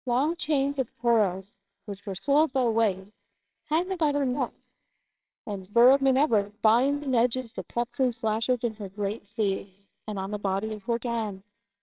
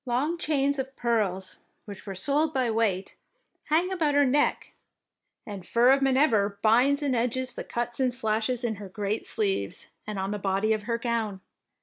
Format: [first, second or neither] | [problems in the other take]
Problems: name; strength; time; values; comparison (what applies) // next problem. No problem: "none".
second | noise reduction (neural separator model SepFormer WHAMR!)